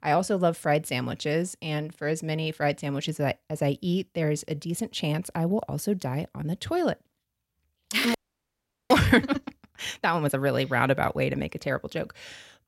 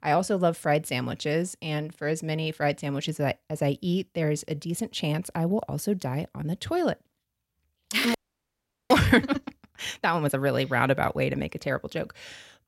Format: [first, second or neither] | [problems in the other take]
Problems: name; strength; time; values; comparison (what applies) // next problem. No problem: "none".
neither | audio freezing; at 8 s for 1 s; the same in both